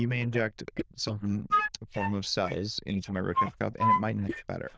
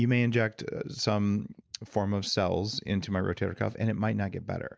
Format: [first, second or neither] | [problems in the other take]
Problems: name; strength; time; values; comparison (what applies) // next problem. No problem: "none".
second | noise reduction (neural diffusion model UNIVERSE++)